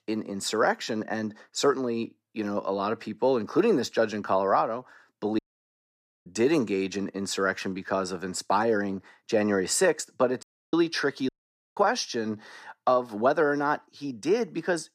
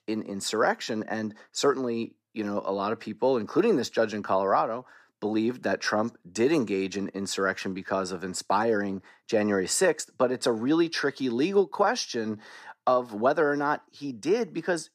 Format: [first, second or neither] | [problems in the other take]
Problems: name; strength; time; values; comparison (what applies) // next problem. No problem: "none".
second | audio cutting out; at 5.5 s for 1 s, at 10 s and at 11 s